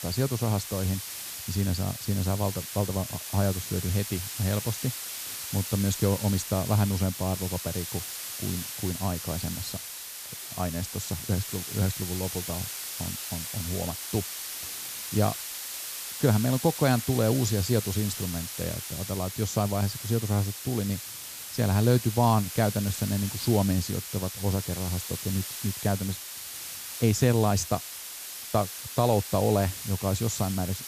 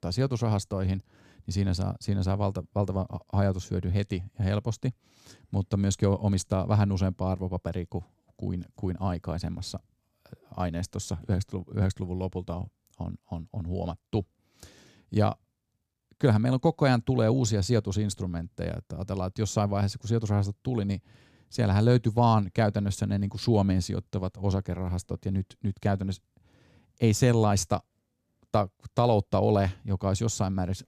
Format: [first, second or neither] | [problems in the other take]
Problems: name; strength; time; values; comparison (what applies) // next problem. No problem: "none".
second | hiss; loud; throughout; 6 dB below the speech